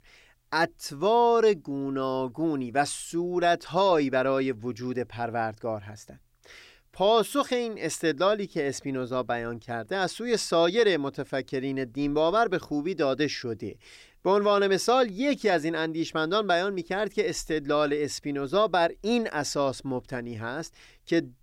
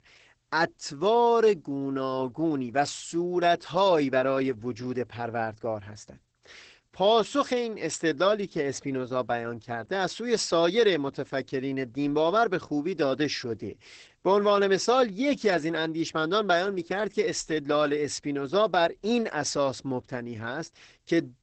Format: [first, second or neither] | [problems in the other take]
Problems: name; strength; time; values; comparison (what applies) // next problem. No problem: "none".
first | garbled, watery; badly; nothing above 8 kHz